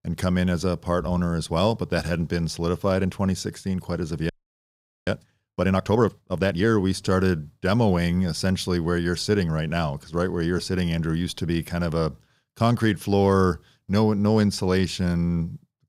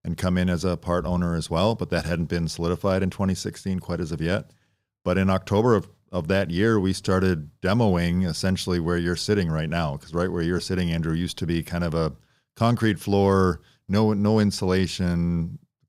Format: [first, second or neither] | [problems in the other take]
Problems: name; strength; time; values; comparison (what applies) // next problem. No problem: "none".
second | audio freezing; at 4.5 s for 1 s